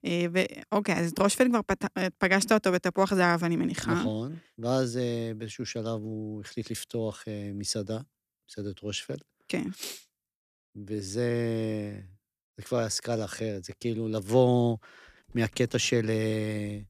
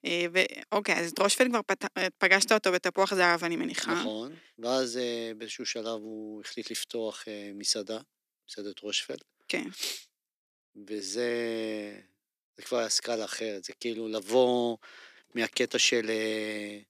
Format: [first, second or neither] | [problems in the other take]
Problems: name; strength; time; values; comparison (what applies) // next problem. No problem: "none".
first | thin; somewhat; fading below 300 Hz